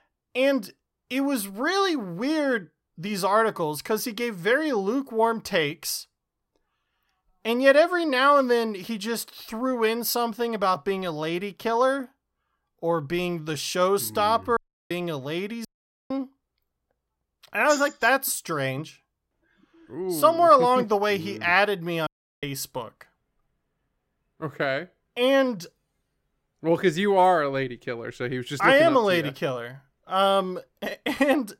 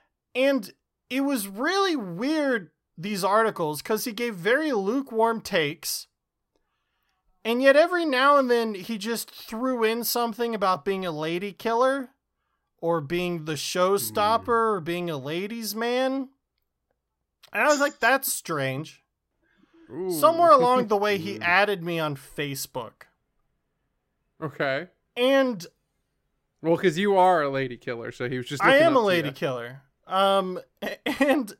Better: second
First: audio cutting out; at 15 s, at 16 s and at 22 s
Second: none

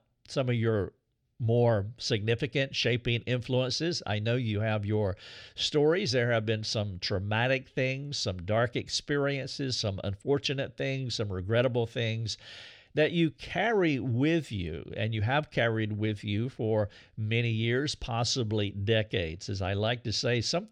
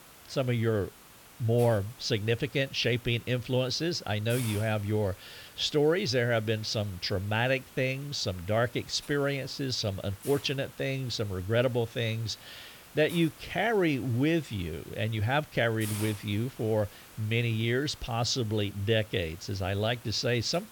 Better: first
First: none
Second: hiss; noticeable; throughout; 20 dB below the speech

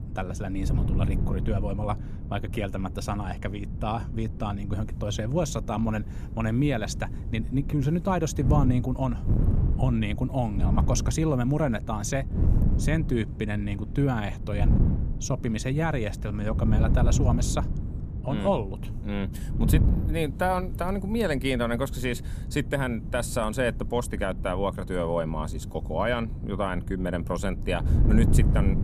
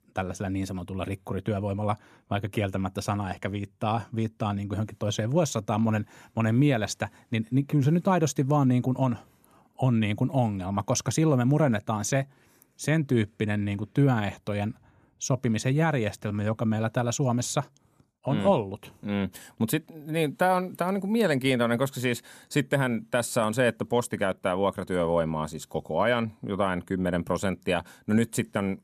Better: second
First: wind noise on the microphone; occasional gusts; 10 dB below the speech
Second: none

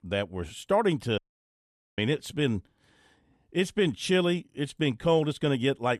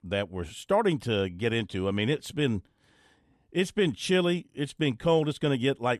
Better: second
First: audio cutting out; at 1 s for 1 s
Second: none

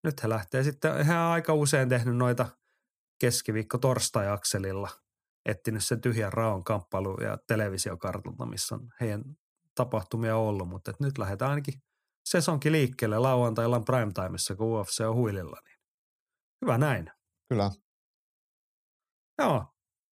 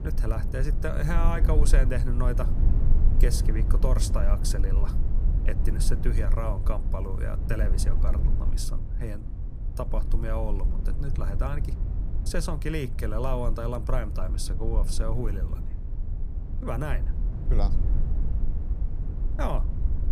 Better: first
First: none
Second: low rumble; loud; throughout; 9 dB below the speech

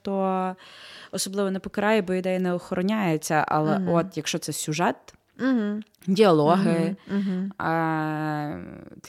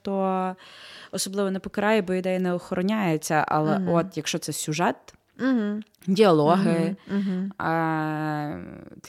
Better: neither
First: none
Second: none

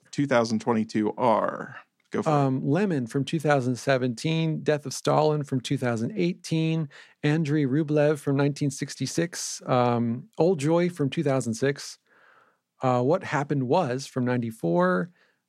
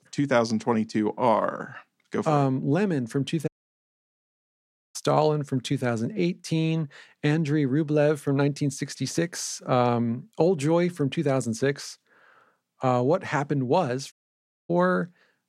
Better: first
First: none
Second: audio cutting out; at 3.5 s for 1.5 s and at 14 s for 0.5 s

